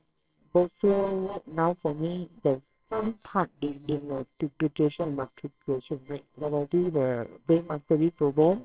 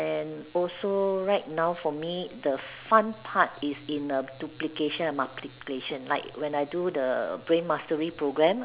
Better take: second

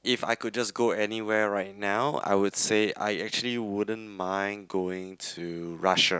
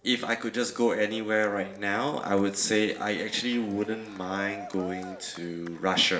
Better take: first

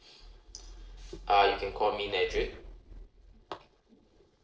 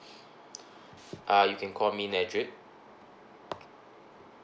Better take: second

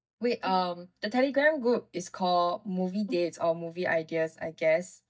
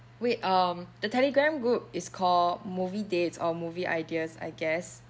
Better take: second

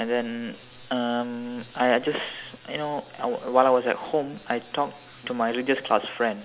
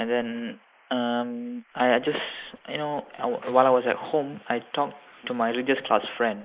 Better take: first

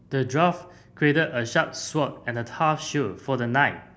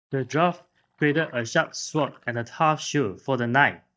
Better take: first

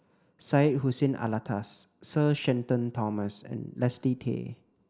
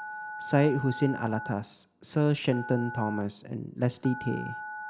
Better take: first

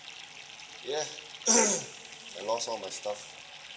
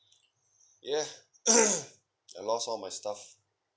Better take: second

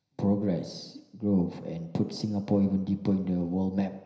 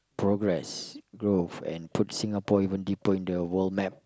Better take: second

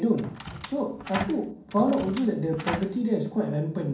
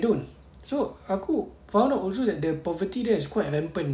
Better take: second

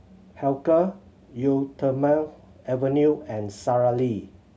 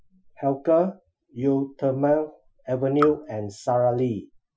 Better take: first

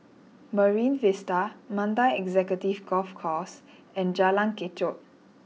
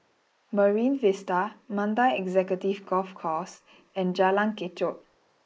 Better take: first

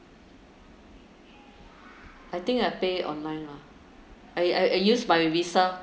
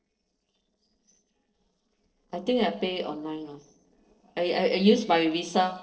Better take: first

